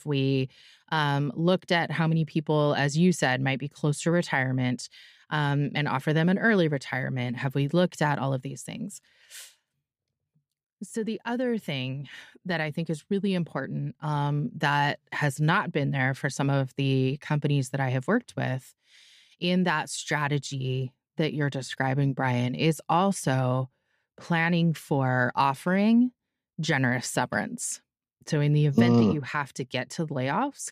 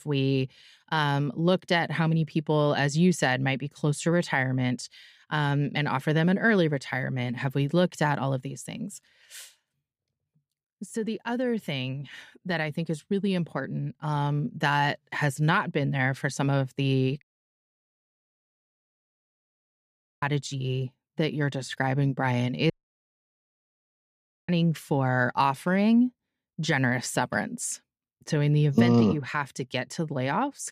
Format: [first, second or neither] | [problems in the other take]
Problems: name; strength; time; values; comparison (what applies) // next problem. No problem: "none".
first | audio cutting out; at 17 s for 3 s and at 23 s for 2 s